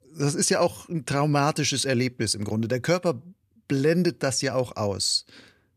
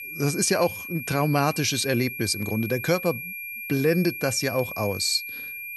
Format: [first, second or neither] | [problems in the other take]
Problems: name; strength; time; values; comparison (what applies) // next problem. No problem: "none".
first | high-pitched whine; loud; throughout; 2.5 kHz, 8 dB below the speech